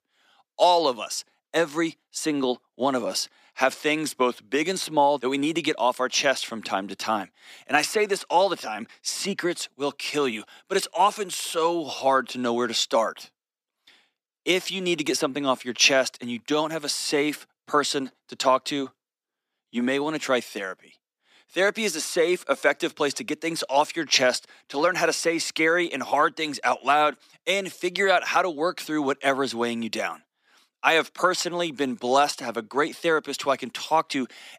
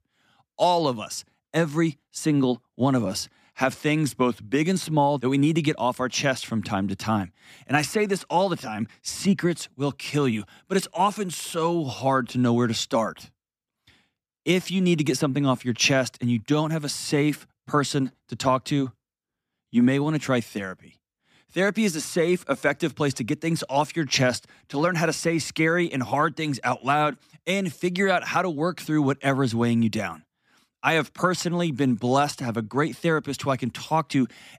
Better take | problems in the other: second | thin; somewhat; fading below 450 Hz

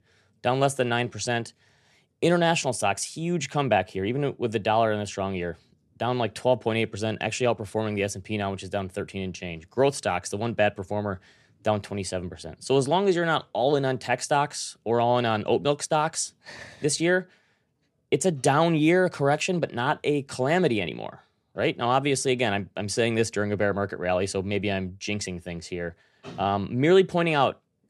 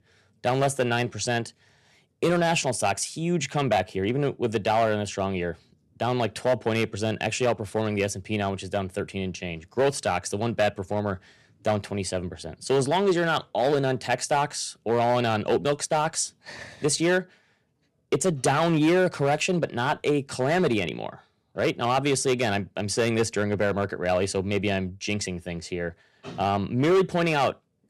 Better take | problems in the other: first | distortion; slight; 4% of the sound clipped

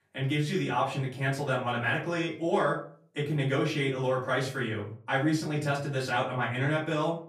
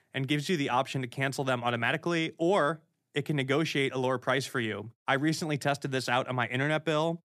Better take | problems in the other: second | off-mic speech; far // room echo; slight; dies away in 0.4 s

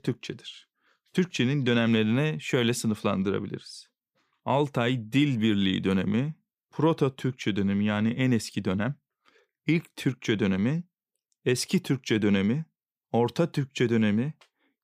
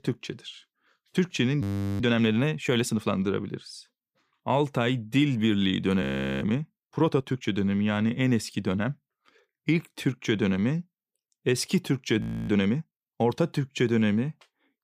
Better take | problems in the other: first | audio freezing; at 1.5 s, at 6 s and at 12 s

